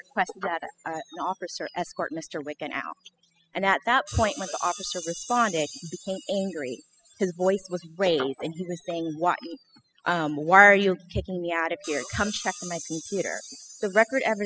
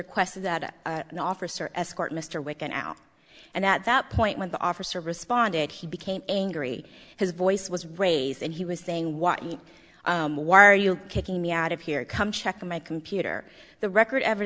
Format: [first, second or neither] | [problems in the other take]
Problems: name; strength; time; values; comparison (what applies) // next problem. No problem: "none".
second | noise reduction (classical method spectral subtraction)